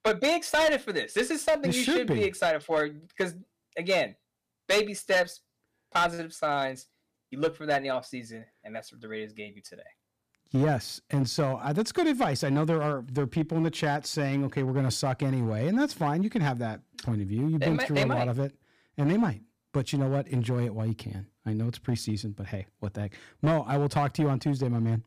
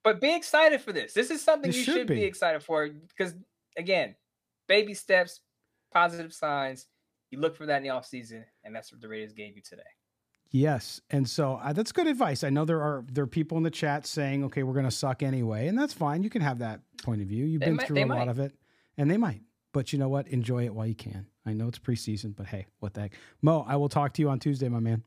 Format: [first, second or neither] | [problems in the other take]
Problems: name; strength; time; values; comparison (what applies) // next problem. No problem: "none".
second | distortion; slight; 5% of the sound clipped